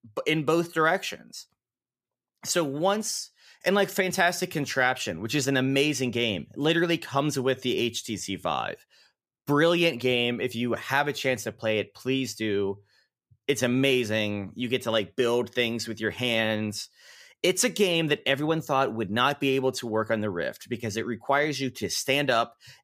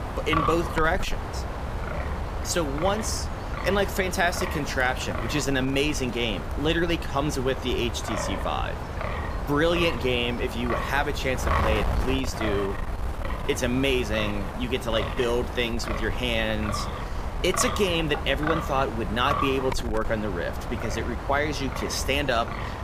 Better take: first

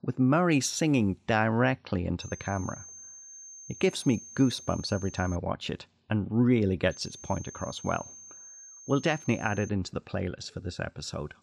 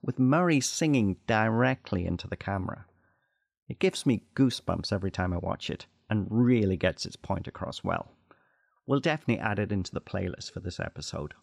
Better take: second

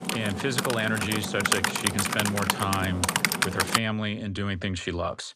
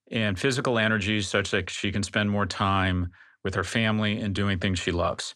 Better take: second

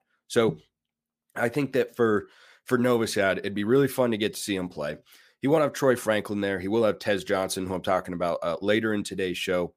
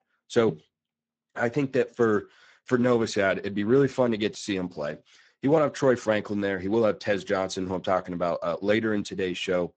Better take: first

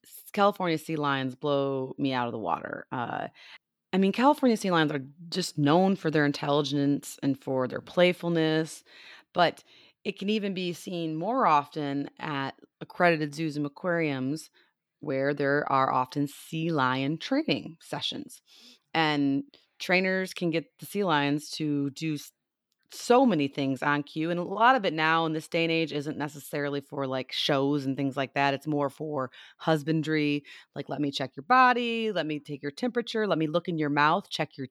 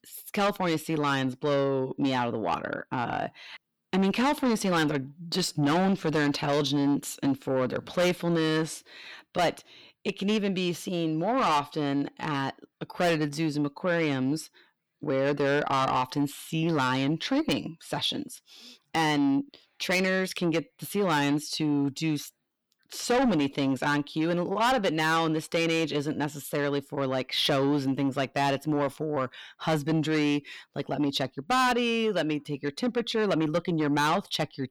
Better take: first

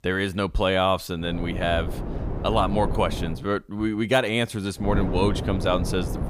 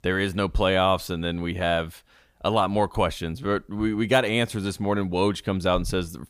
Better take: second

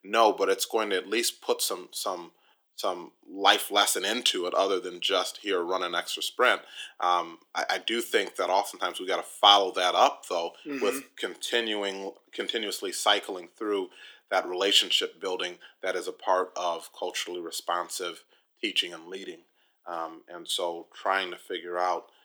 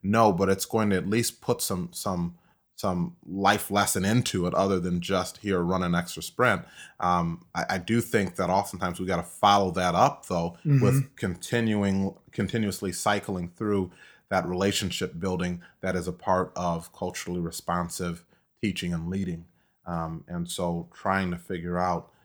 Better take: second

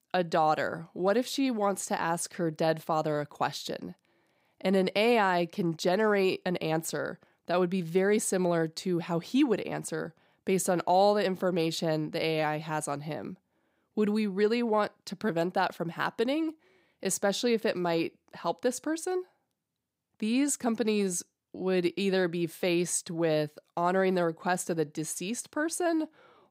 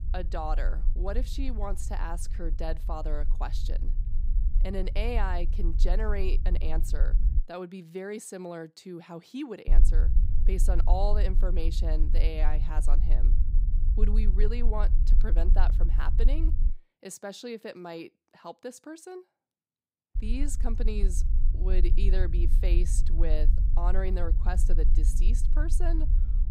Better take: first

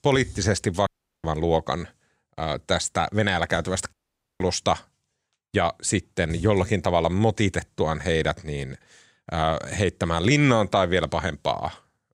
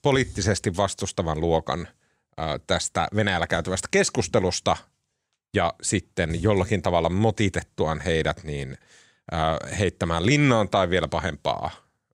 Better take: second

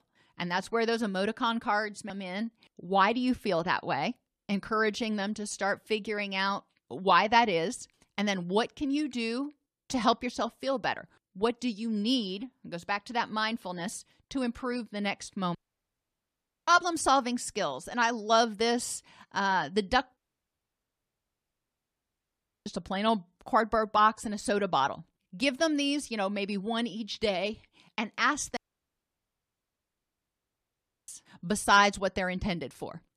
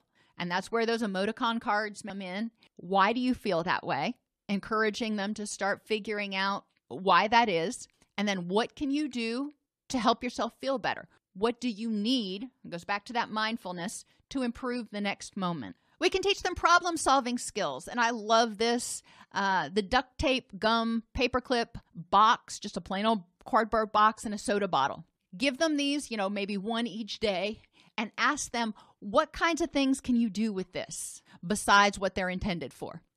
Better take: second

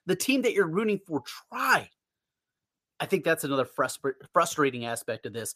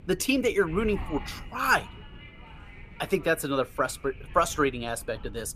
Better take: first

